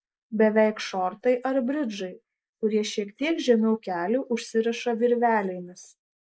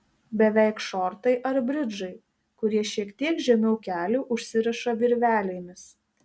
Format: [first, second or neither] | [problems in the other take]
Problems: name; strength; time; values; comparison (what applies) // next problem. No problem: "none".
second | noise reduction (neural mask model Resemble Enhance denoiser)